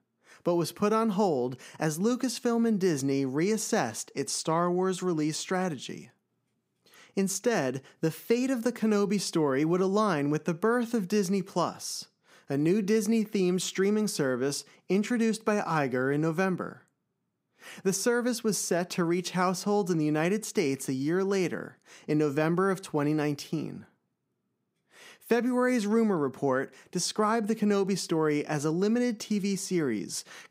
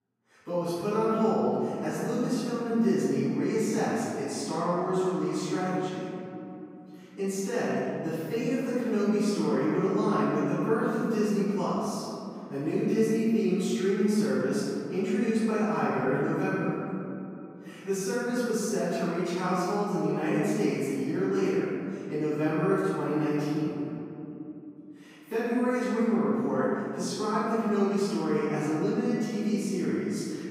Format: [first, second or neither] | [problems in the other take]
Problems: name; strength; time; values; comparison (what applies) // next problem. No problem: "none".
first | room echo; strong; dies away in 2.9 s // off-mic speech; far